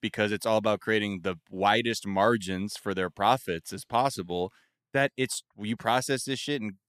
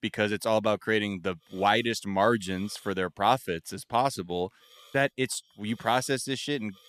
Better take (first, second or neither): first